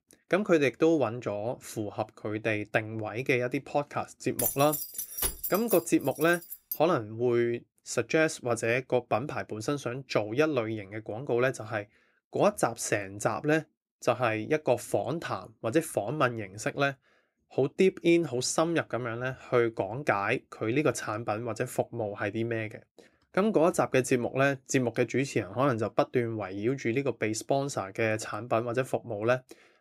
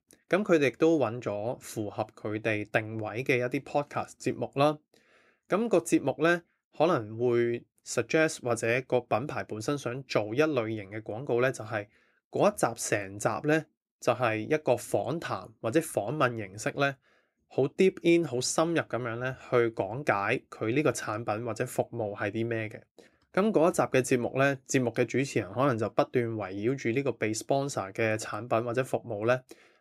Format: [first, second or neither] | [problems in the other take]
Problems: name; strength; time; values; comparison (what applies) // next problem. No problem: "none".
second | jangling keys; noticeable; from 4.5 to 7 s; peak 1 dB below the speech